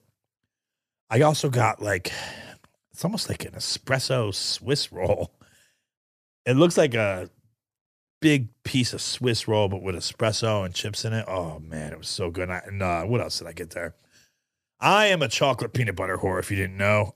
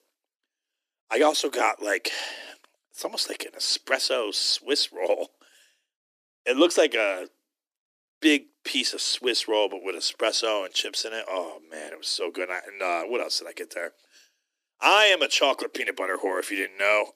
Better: first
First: none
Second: thin; somewhat; fading below 300 Hz

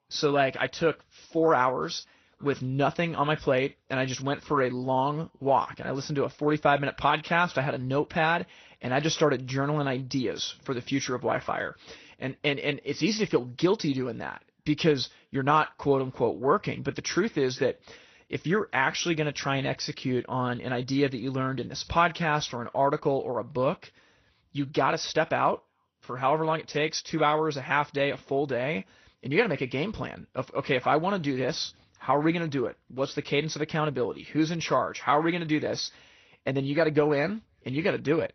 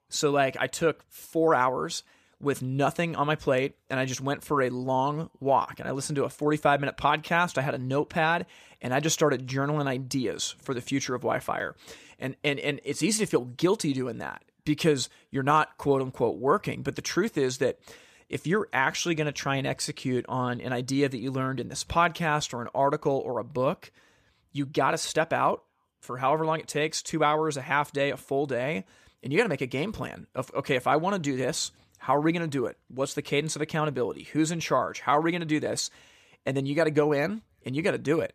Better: second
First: garbled, watery; slightly; nothing above 6 kHz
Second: none

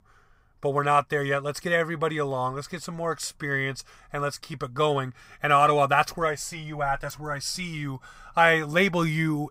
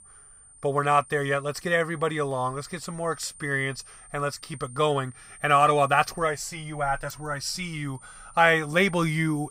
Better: first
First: none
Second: high-pitched whine; faint; throughout; 9 kHz, 20 dB below the speech

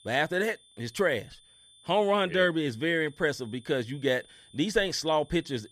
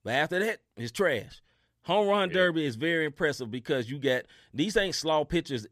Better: second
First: high-pitched whine; faint; throughout; 3.5 kHz, 25 dB below the speech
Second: none

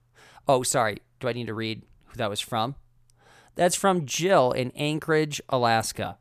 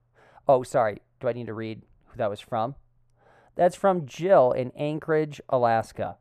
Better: first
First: none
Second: muffled; very; fading above 2.5 kHz

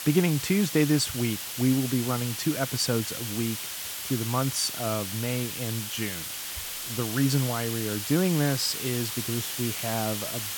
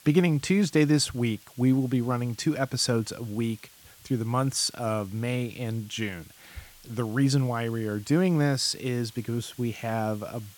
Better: second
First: hiss; loud; throughout; 4 dB below the speech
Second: hiss; faint; throughout; 25 dB below the speech

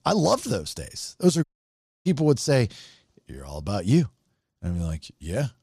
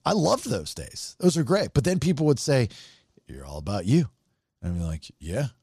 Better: second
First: audio cutting out; at 1.5 s for 0.5 s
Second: none

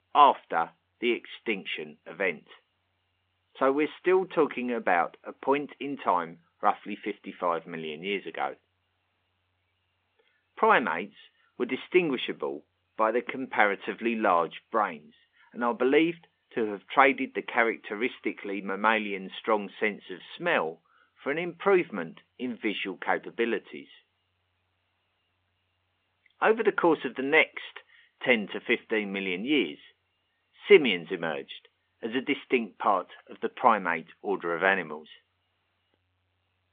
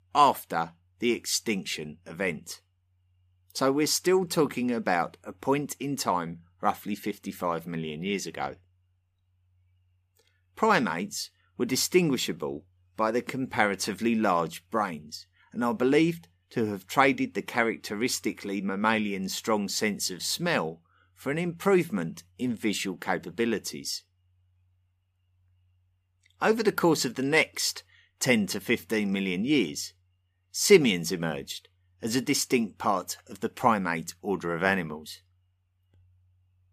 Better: second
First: phone-call audio; nothing above 3.5 kHz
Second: none

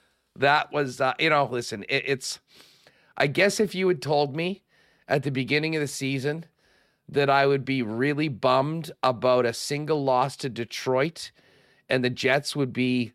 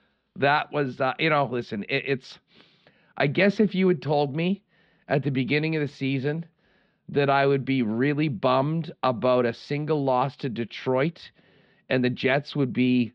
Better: first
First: none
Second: muffled; slightly; fading above 3.5 kHz

